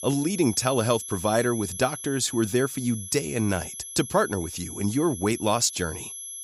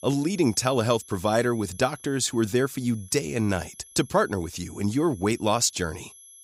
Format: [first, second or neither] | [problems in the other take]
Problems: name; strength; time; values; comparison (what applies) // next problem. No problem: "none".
second | high-pitched whine; loud; throughout; 11 kHz, 10 dB below the speech; faint in the second